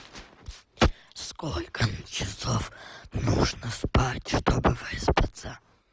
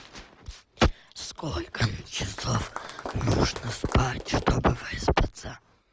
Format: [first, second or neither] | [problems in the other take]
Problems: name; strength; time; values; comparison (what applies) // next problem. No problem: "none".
first | background sound (Applause); 14 dB below the speech